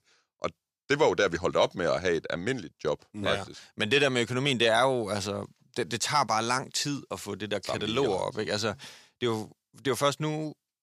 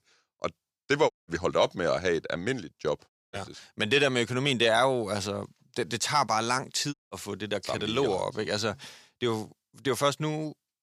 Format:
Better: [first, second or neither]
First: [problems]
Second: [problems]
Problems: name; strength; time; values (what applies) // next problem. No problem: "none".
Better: first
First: none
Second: audio cutting out; at 1 s, at 3 s and at 7 s